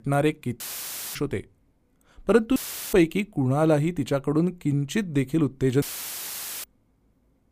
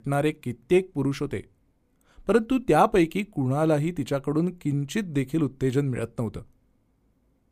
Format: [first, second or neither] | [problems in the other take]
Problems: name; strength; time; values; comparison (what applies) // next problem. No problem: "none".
second | audio cutting out; filled with static; at 0.5 s for 0.5 s, at 2.5 s and at 6 s for 1 s